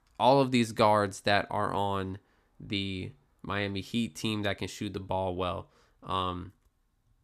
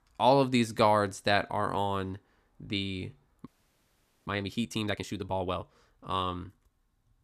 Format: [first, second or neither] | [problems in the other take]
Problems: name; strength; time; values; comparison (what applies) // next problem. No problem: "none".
first | audio freezing; at 3.5 s for 1 s